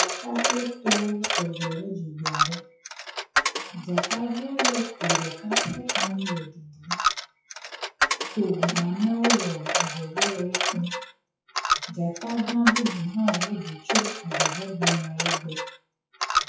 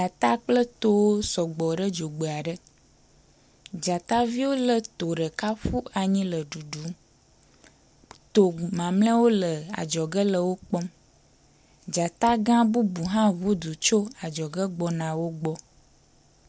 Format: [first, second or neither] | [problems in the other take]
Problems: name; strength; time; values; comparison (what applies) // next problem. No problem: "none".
second | noise reduction (classical method WPE with log-MMSE)